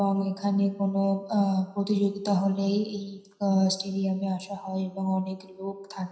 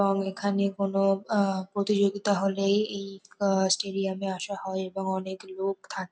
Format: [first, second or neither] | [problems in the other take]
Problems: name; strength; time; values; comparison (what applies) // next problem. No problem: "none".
second | room echo; dies away in 0.9 s